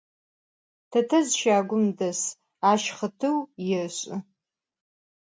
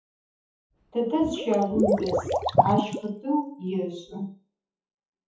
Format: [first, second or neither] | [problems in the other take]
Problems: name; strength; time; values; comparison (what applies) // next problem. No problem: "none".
first | noise reduction (classical method WPE with log-MMSE)